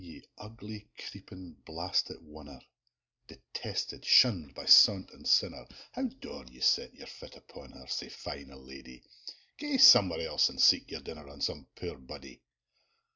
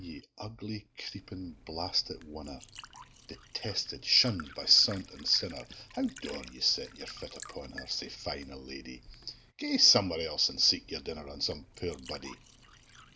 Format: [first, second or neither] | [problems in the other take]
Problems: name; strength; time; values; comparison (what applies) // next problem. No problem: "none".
first | background sound (Liquid); 20 dB below the speech